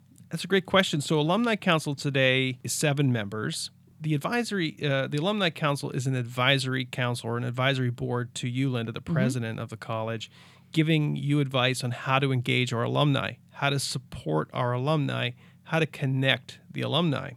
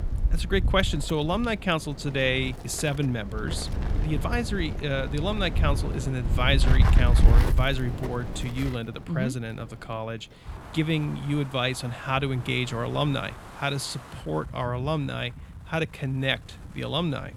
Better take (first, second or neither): first